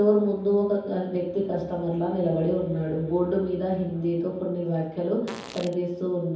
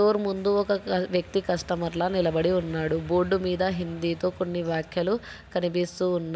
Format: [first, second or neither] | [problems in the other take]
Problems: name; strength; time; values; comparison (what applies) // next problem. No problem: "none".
second | background sound (Fart); 17 dB below the speech // room echo; dies away in 0.9 s